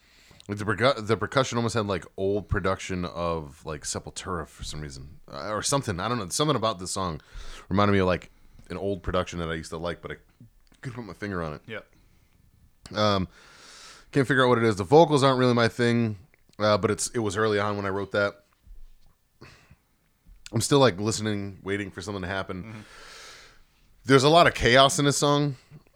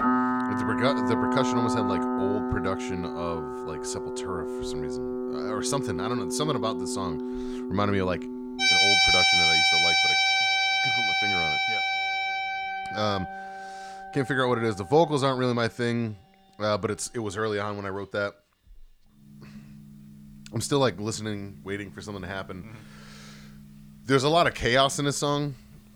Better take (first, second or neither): first